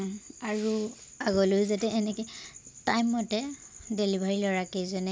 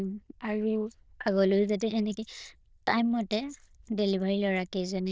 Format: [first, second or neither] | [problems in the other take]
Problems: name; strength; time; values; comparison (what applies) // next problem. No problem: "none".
first | noise reduction (neural diffusion model UNIVERSE++)